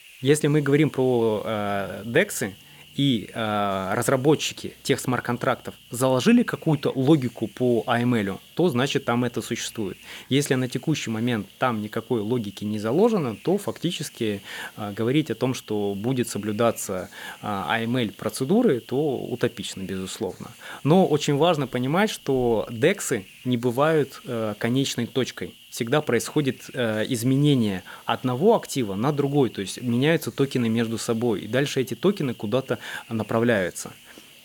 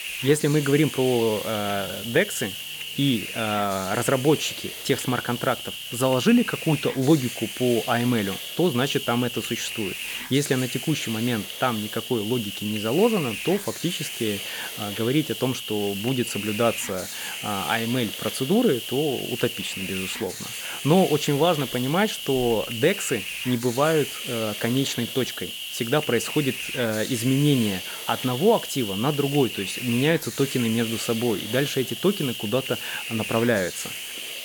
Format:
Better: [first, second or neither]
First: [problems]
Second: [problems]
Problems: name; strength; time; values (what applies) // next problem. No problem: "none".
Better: first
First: hiss; faint; throughout; 20 dB below the speech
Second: hiss; loud; throughout; 6 dB below the speech